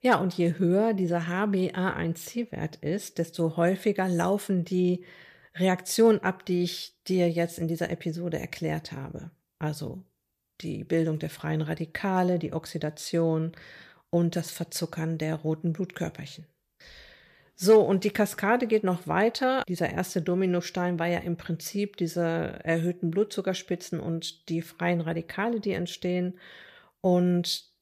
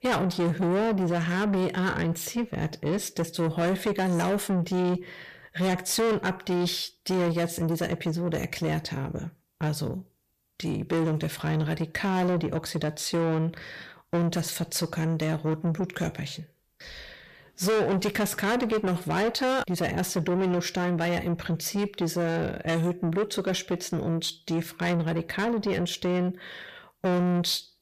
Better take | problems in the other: first | distortion; heavy; 7 dB below the speech

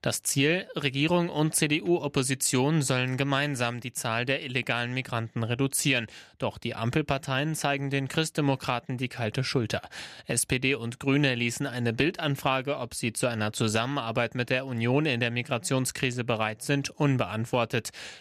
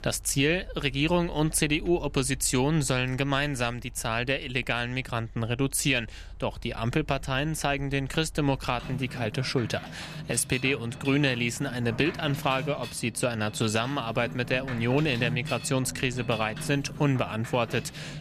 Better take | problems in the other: first | machinery noise; noticeable; throughout; 15 dB below the speech

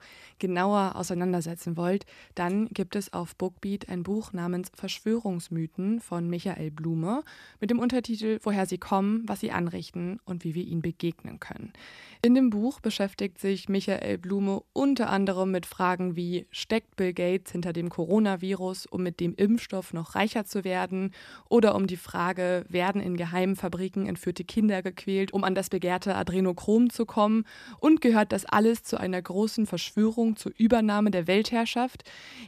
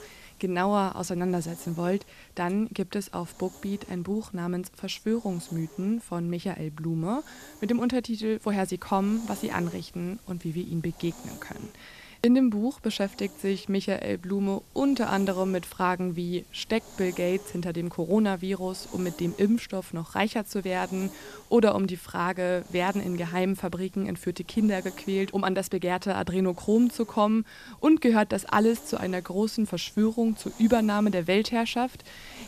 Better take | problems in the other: first | hiss; faint; throughout; 20 dB below the speech

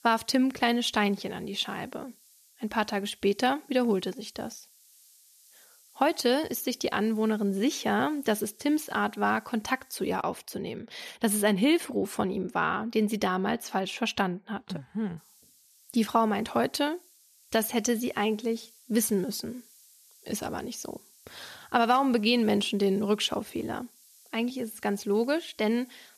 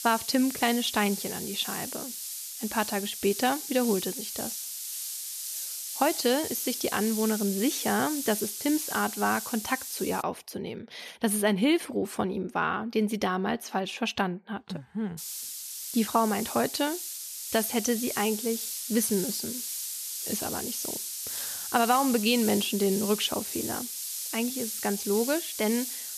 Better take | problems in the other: first | hiss; loud; until 10 s and from 15 s on; 5 dB below the speech; faint in the first

